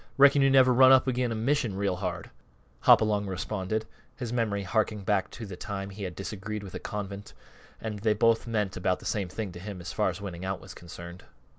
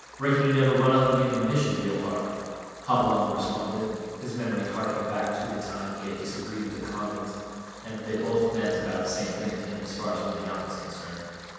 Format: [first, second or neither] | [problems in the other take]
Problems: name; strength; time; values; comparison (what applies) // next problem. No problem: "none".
first | background sound (Stream); 19 dB below the speech // room echo; dies away in 2.1 s